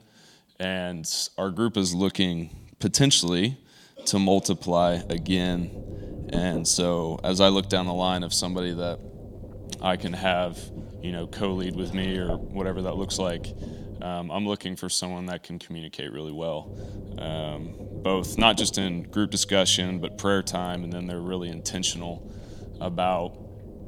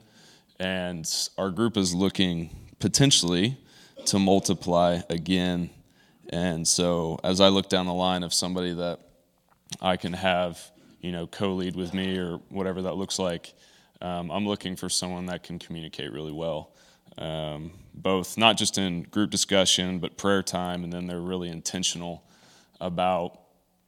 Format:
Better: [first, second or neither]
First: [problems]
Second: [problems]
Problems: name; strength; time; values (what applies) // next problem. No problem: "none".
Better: second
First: low rumble; noticeable; from 5 to 14 s and from 17 s on; 20 dB below the speech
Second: none